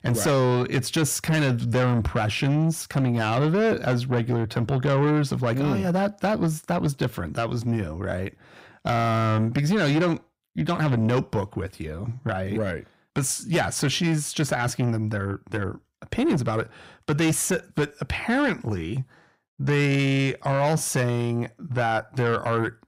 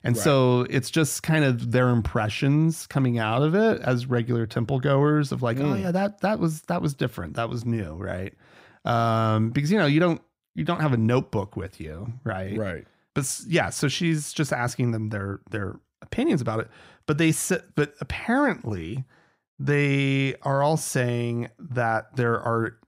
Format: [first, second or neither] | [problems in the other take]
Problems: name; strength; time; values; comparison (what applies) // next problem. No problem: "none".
second | distortion; slight; 10 dB below the speech